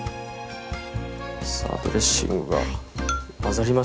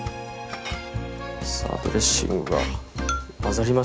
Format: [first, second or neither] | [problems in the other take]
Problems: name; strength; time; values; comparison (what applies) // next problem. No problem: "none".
first | background sound (Chink, clink); 18 dB below the speech